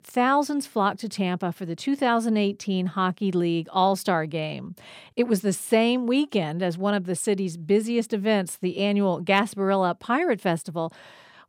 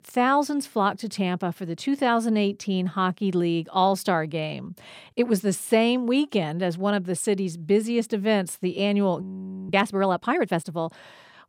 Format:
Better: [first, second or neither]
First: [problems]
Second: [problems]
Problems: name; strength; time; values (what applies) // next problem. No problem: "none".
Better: first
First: none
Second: audio freezing; at 9 s